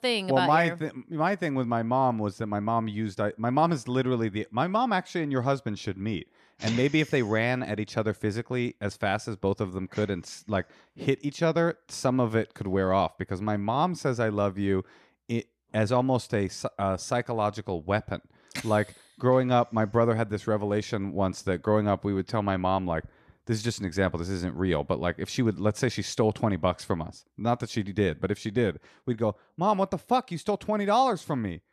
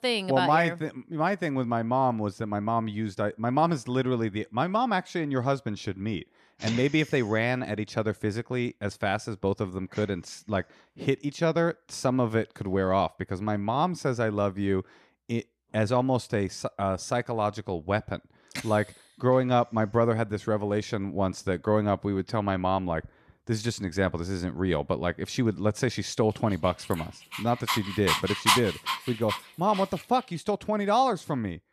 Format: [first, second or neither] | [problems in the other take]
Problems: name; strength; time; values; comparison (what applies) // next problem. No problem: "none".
first | dog barking; loud; from 27 to 30 s; peak 5 dB above the speech